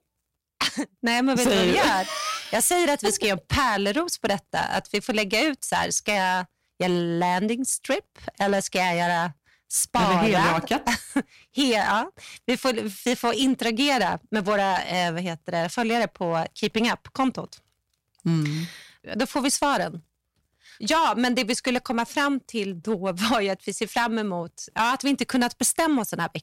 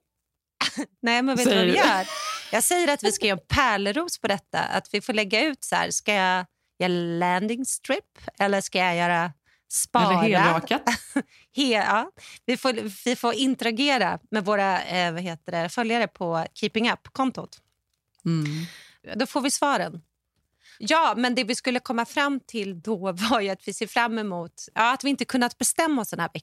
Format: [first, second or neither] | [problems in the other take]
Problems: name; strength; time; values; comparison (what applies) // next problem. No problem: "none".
second | distortion; slight; 5% of the sound clipped